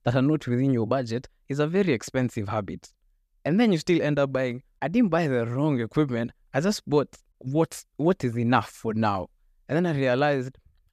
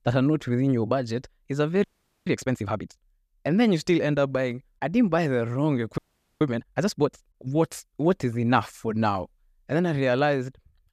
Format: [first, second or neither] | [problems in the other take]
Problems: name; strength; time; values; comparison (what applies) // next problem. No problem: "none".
first | audio freezing; at 2 s and at 6 s